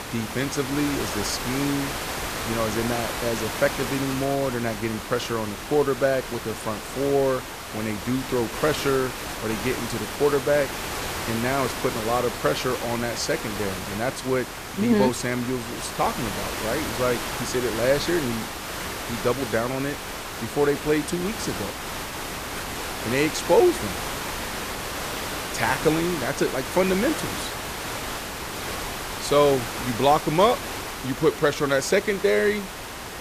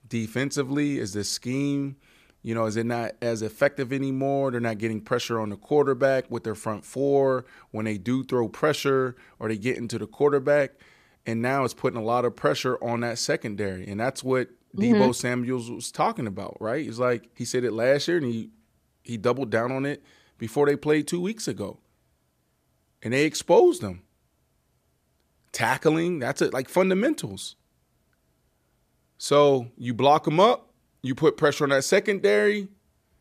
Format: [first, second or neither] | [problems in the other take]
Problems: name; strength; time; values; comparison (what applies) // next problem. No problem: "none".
second | hiss; loud; throughout; 5 dB below the speech